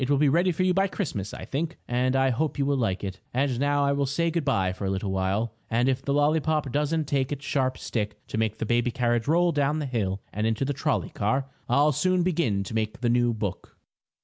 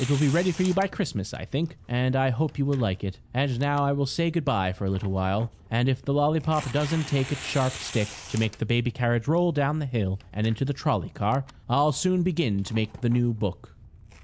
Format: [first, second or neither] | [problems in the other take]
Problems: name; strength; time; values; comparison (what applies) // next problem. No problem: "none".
first | background sound (Tearing); 19 dB below the speech